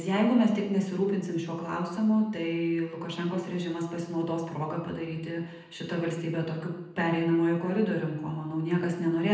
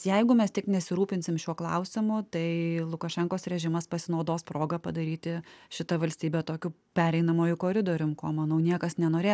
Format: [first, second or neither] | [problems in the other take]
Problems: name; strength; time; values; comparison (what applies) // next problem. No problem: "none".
second | room echo; dies away in 0.9 s